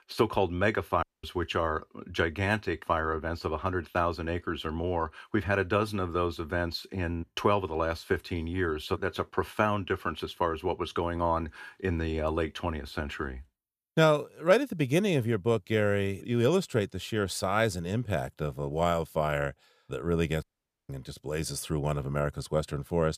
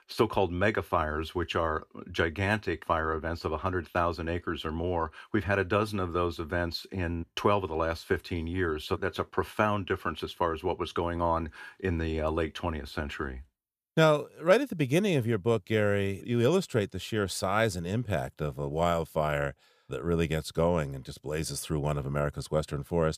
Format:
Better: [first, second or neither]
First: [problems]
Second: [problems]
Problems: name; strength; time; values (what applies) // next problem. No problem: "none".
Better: second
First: audio cutting out; at 1 s and at 20 s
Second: none